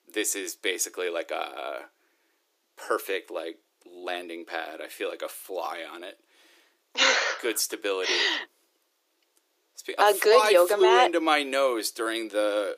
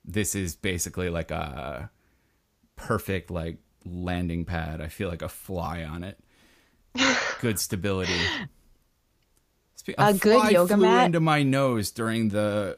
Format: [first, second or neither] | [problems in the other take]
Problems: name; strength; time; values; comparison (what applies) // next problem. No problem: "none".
second | thin; very; fading below 300 Hz